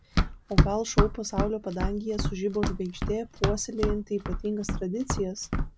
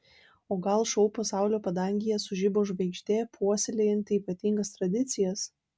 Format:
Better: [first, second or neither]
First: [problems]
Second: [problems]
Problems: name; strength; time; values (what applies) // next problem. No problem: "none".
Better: second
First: background sound (Run); 2 dB above the speech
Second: none